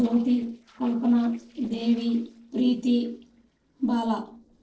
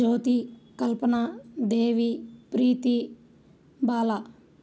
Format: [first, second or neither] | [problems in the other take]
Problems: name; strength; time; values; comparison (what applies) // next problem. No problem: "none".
second | noise reduction (neural separator model SepFormer DNS4)